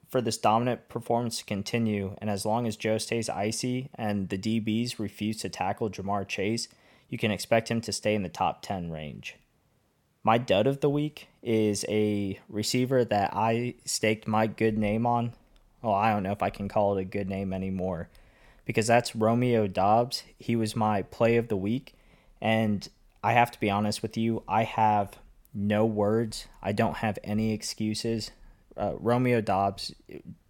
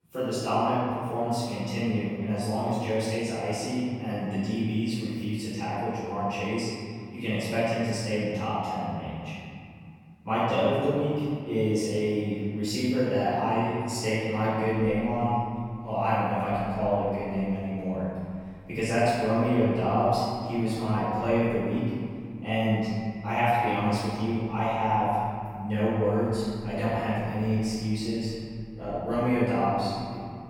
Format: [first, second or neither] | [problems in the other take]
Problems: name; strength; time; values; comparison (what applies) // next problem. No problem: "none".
first | room echo; strong; dies away in 2.3 s // off-mic speech; far